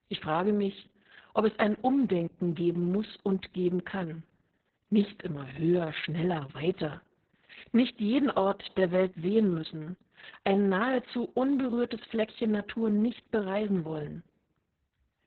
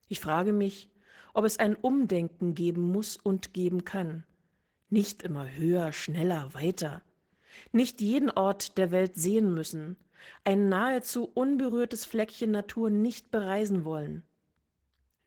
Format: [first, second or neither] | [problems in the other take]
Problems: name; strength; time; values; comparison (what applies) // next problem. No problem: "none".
second | garbled, watery; badly; nothing above 4 kHz; slightly in the second